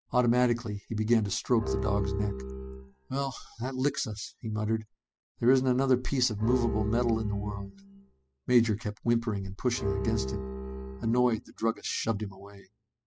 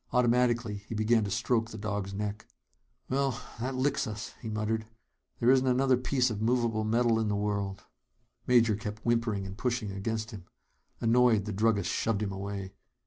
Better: second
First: noise reduction (classical method spectral subtraction)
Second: none

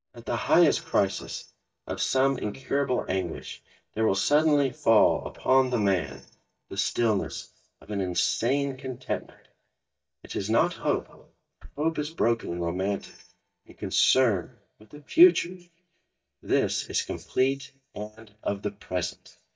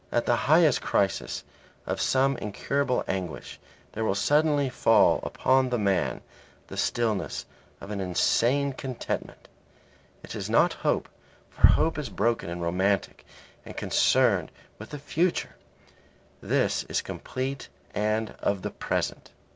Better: second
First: noise reduction (neural mask model DeepFilterNet 3)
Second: none

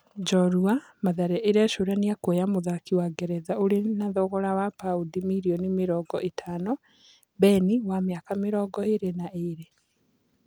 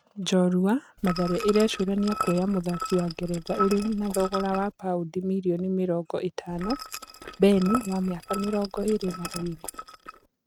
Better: first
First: none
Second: noise reduction (neural mask model RNNoise)

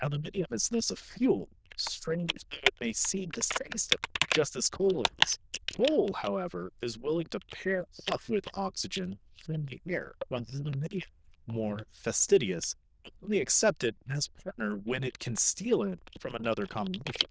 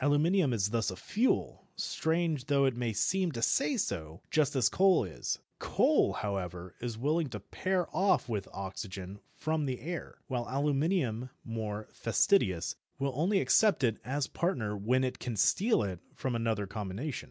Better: second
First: noise reduction (neural diffusion model UNIVERSE++)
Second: none

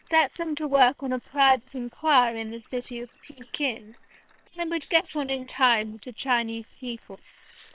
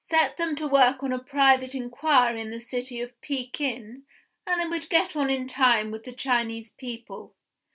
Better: second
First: noise reduction (neural separator model SepFormer WHAM!)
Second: none

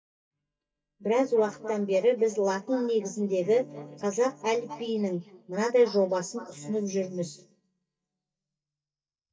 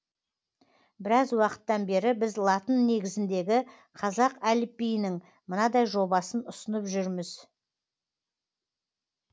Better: second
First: noise reduction (neural mask model DeepFilterNet 3)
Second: none

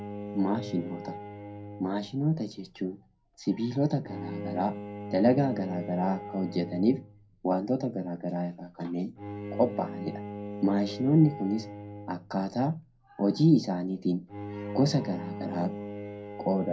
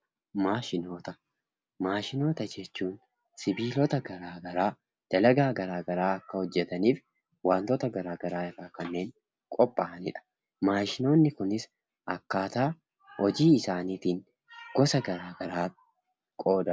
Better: second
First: background sound (Bowed string instrument); 12 dB below the speech // room echo; dies away in 0.2 s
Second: none

